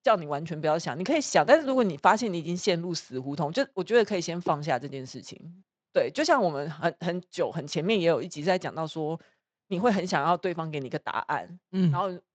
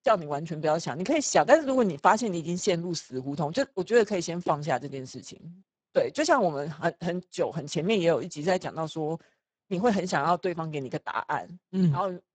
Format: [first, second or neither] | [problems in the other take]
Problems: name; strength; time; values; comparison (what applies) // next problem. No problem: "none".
first | garbled, watery; badly; nothing above 7.5 kHz; slightly in the first